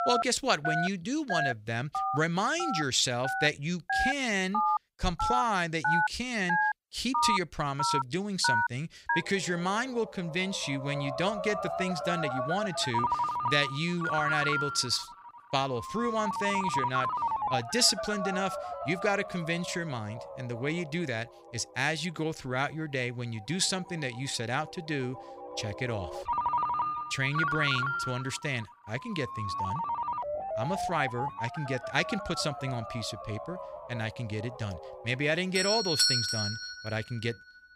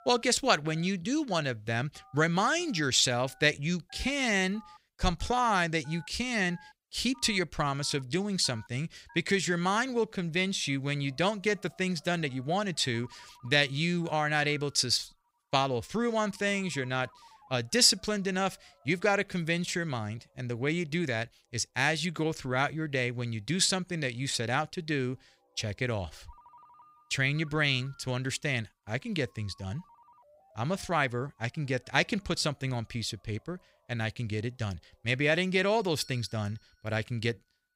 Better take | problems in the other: second | alarms or sirens; loud; throughout; 1 dB below the speech; faint in the second

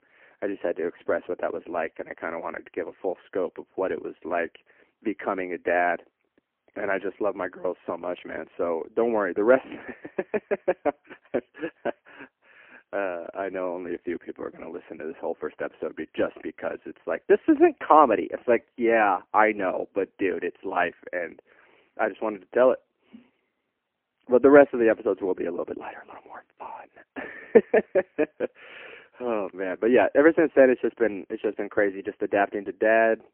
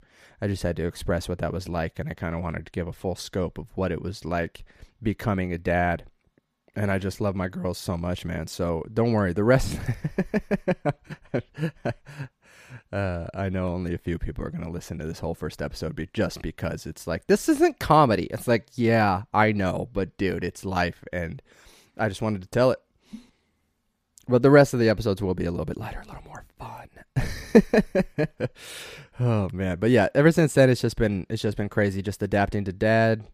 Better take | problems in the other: second | phone-call audio; poor line

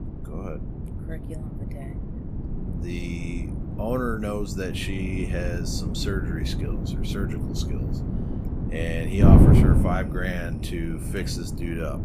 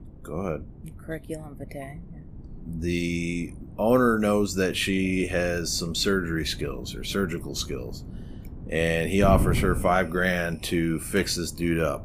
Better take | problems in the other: second | wind noise on the microphone; heavy; 2 dB below the speech; occasional gusts in the second

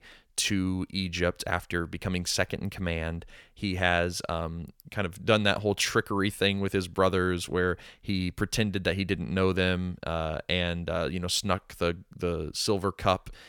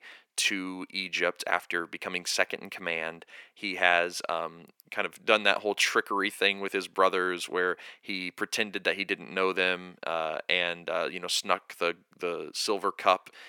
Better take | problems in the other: first | thin; somewhat; fading below 300 Hz

